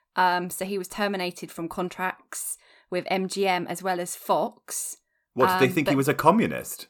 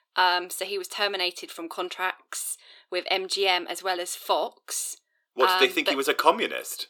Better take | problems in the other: first | thin; somewhat; fading below 350 Hz

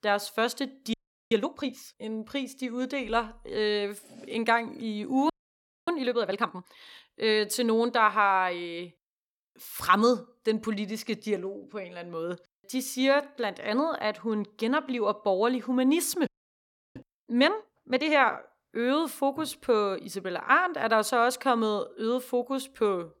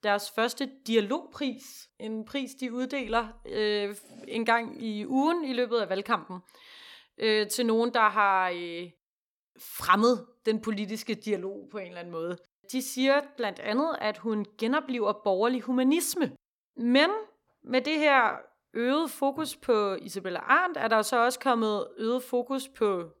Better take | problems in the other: second | audio freezing; at 1 s, at 5.5 s for 0.5 s and at 16 s for 0.5 s

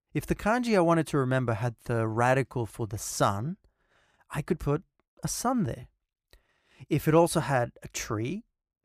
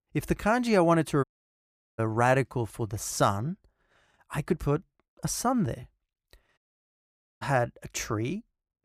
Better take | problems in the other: first | audio cutting out; at 1 s for 0.5 s and at 6.5 s for 1 s

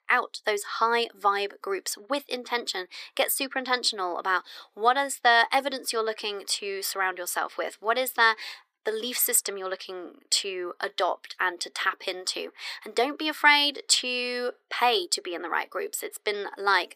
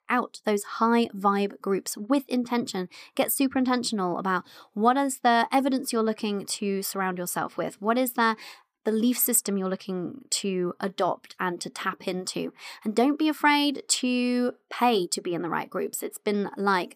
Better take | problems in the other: second | thin; very; fading below 400 Hz

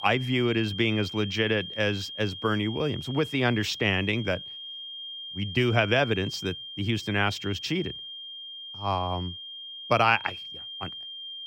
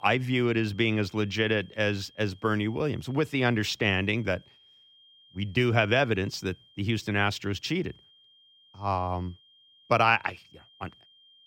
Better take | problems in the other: second | high-pitched whine; loud; throughout; 3 kHz, 10 dB below the speech; faint in the second

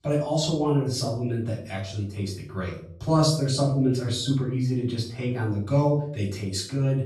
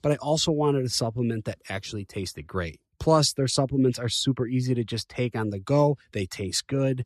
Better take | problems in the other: second | off-mic speech; far // room echo; noticeable; dies away in 0.5 s

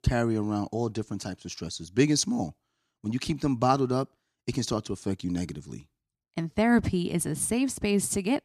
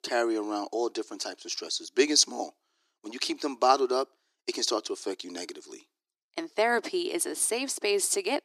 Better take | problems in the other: first | thin; very; fading below 350 Hz

